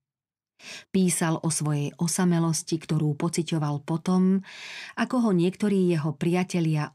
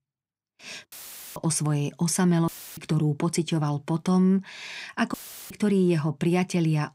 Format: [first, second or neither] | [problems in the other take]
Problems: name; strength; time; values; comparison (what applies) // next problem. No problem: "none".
first | audio cutting out; filled with static; at 1 s, at 2.5 s and at 5 s